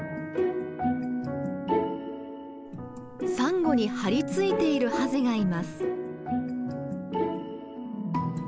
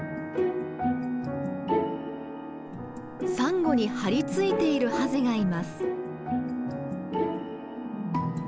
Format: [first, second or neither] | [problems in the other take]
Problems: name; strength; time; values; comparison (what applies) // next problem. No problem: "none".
first | background sound (Organ); 14 dB below the speech